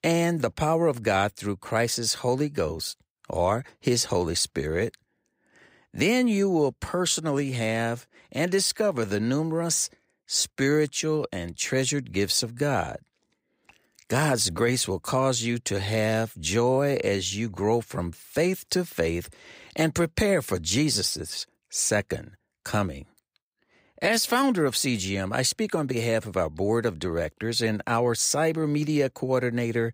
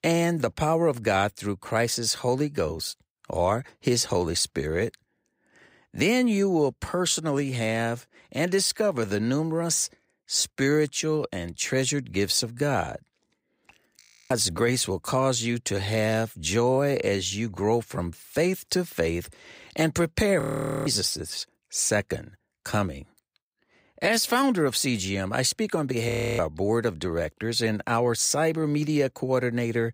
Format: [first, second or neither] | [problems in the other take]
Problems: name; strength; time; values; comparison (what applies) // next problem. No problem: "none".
first | audio freezing; at 14 s, at 20 s and at 26 s